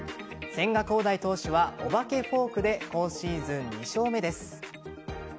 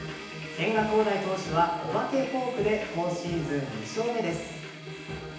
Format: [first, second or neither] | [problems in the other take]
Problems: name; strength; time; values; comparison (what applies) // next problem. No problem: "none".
first | background sound (Domestic sounds, home sounds); 17 dB below the speech // room echo; dies away in 0.9 s